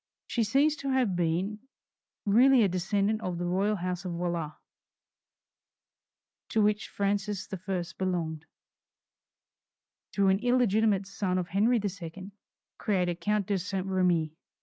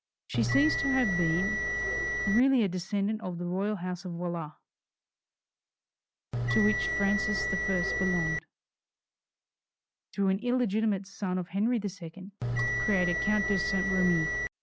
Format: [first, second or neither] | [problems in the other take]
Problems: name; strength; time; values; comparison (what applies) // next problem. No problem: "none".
first | background sound (Bell); 1 dB above the speech